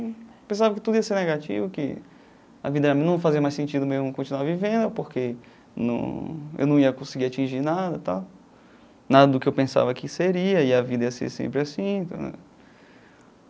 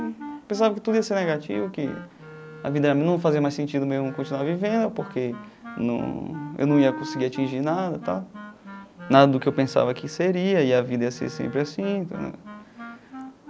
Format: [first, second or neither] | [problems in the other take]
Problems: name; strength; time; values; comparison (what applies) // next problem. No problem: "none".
first | background sound (Wind instrument, woodwind instrument); 16 dB below the speech